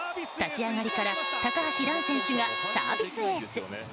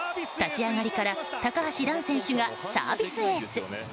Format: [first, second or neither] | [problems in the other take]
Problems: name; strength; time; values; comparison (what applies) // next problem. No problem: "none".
second | background sound (Trumpet); 2 dB below the speech